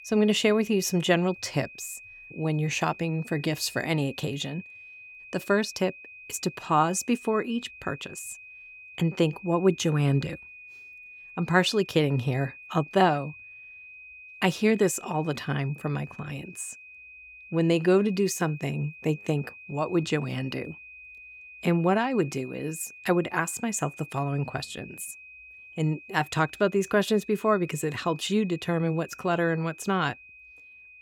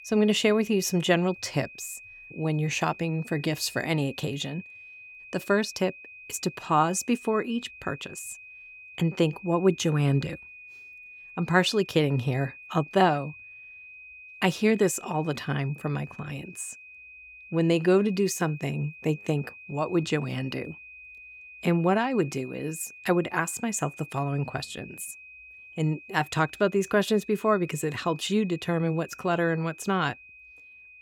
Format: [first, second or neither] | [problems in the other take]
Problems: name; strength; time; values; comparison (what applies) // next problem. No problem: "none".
neither | high-pitched whine; noticeable; throughout; 2.5 kHz, 20 dB below the speech; the same in both